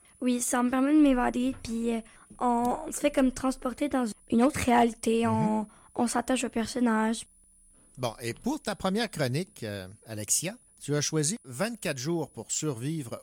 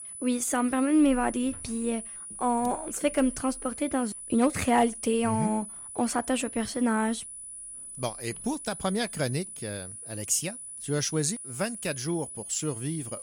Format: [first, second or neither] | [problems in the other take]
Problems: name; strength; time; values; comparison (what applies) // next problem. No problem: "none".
first | high-pitched whine; loud; throughout; 10 kHz, 10 dB below the speech; faint in the first